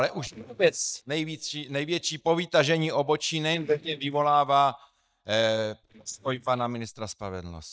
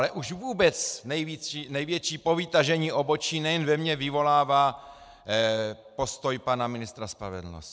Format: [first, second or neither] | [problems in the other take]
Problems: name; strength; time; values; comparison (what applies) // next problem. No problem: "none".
second | noise reduction (neural mask model DeepFilterNet 3)